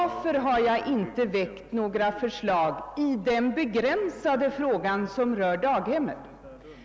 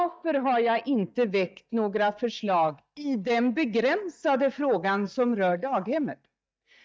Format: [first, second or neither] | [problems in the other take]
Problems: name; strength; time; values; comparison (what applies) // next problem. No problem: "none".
first | noise reduction (neural mask model DeepFilterNet 3)